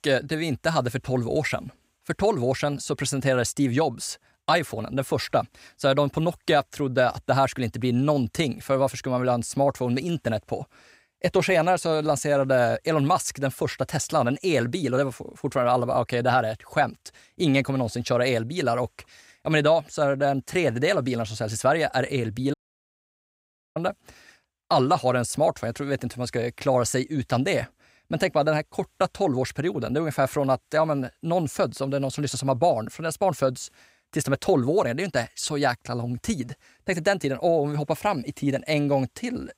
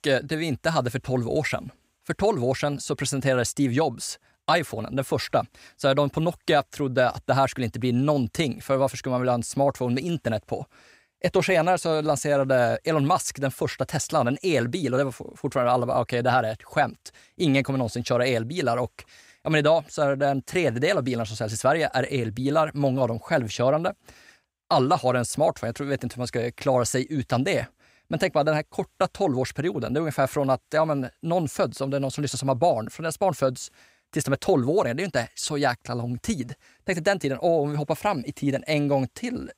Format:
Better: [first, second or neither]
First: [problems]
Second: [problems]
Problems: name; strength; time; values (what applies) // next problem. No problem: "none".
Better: second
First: audio cutting out; at 23 s for 1 s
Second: none